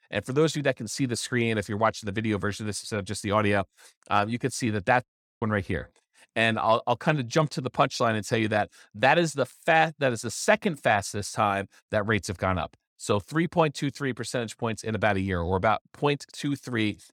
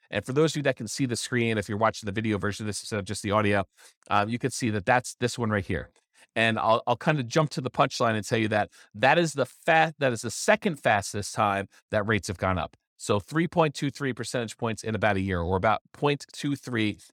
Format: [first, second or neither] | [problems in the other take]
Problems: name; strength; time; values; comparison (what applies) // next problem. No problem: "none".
second | audio cutting out; at 5 s